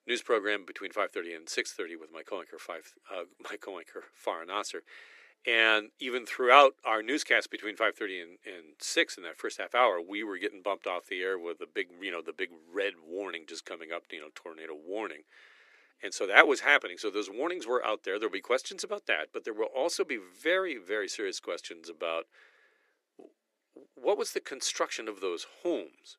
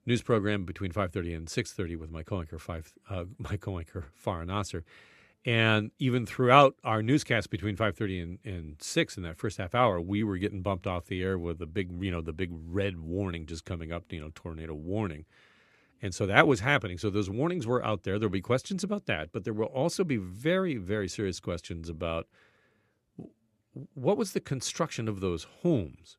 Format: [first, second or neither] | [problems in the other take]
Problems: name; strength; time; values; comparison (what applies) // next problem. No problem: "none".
second | thin; very; fading below 350 Hz